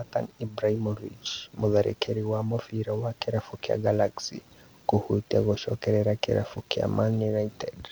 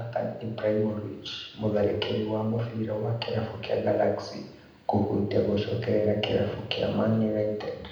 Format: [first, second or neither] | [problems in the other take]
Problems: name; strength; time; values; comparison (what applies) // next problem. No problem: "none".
first | room echo; dies away in 0.8 s